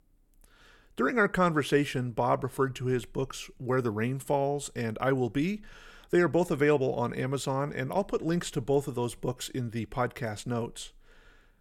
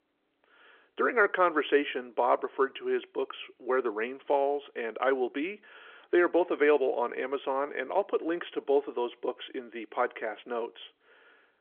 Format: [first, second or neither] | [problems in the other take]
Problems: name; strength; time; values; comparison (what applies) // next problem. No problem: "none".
first | phone-call audio; nothing above 3.5 kHz